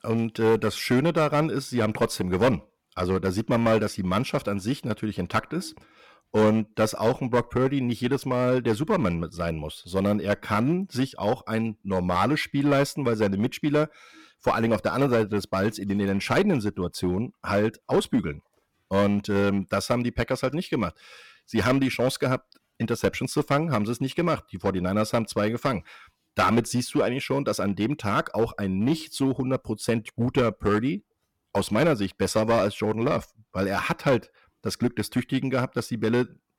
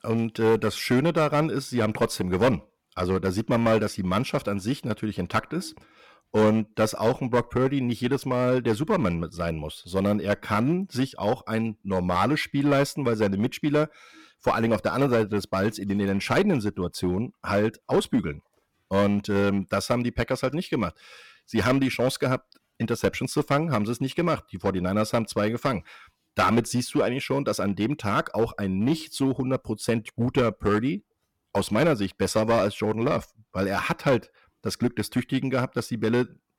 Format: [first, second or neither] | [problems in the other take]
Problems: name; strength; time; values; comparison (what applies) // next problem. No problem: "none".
neither | distortion; slight; 4% of the sound clipped; the same in both